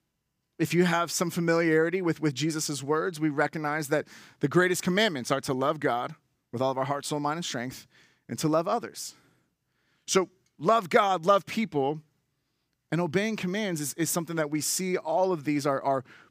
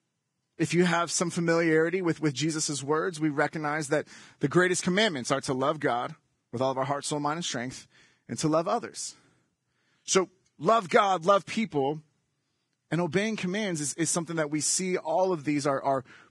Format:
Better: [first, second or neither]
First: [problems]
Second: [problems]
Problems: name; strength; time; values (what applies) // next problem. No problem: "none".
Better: first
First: none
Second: garbled, watery; badly; nothing above 10 kHz